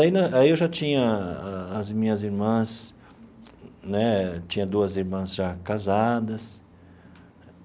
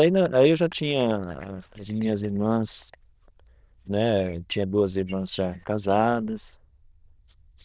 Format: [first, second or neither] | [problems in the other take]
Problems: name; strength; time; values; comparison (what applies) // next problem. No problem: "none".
first | noise reduction (neural diffusion model UNIVERSE++)